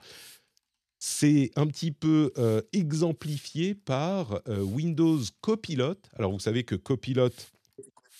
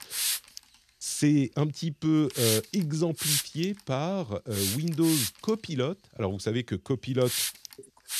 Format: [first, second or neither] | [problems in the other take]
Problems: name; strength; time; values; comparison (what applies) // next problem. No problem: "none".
first | hiss; loud; throughout; as loud as the speech; faint in the first